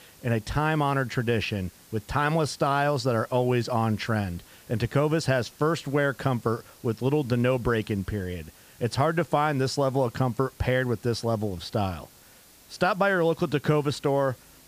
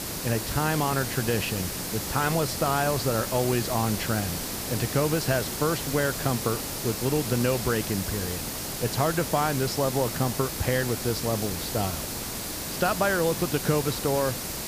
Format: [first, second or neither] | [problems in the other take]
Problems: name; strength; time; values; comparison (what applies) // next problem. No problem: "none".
first | hiss; loud; throughout; 3 dB below the speech; faint in the first